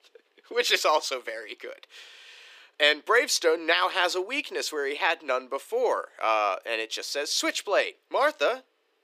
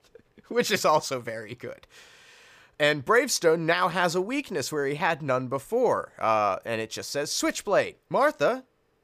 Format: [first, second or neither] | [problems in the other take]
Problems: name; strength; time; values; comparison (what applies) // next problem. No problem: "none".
second | thin; somewhat; fading below 300 Hz